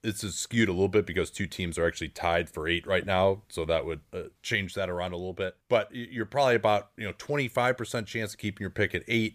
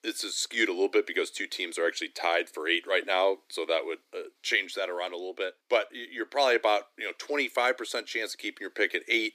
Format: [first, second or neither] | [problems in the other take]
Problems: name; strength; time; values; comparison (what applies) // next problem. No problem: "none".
first | thin; somewhat; fading below 250 Hz